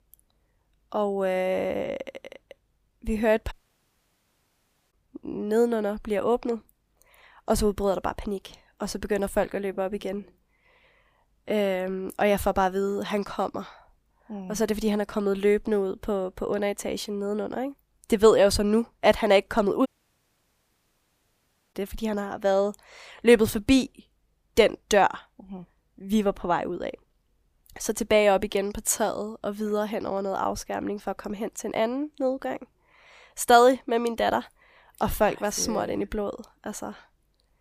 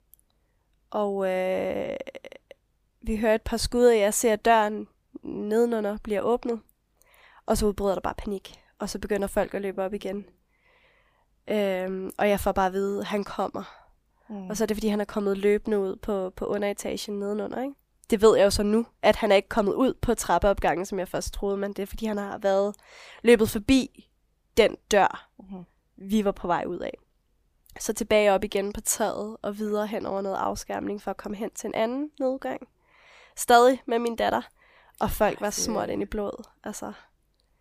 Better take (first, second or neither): second